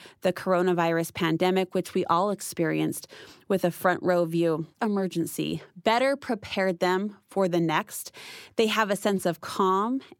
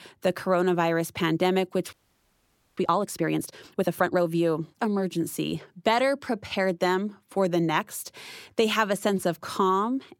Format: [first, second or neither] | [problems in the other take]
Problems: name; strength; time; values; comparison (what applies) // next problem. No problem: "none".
first | audio freezing; at 2 s for 1 s